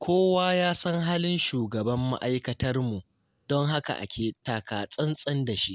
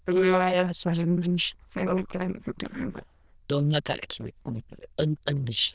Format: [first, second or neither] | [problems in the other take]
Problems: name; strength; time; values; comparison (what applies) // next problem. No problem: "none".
first | noise reduction (neural diffusion model UNIVERSE++)